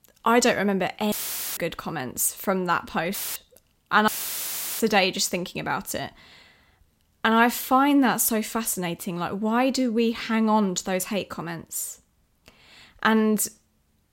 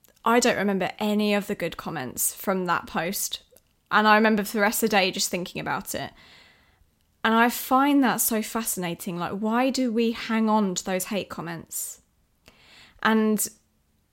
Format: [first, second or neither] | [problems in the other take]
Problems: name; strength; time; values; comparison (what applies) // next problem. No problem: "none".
second | audio cutting out; filled with static; at 1 s, at 3 s and at 4 s for 0.5 s